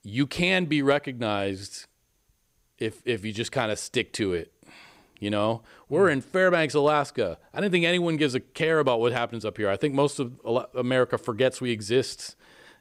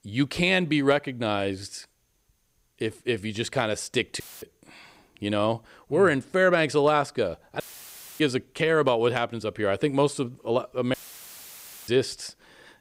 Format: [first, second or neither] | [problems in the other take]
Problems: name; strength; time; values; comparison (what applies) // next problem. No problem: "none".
first | audio cutting out; filled with static; at 4 s, at 7.5 s for 0.5 s and at 11 s for 1 s